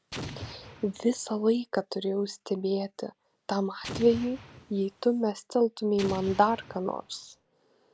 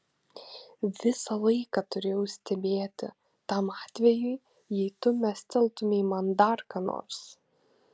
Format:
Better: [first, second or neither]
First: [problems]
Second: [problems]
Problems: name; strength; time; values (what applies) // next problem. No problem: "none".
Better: second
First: background sound (Explosion); 13 dB below the speech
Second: none